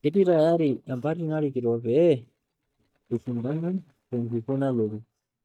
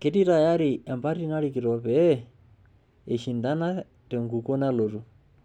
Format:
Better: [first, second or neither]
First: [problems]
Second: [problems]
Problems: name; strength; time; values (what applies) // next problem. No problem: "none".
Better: second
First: noise reduction (neural mask model DeepFilterNet 3)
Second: none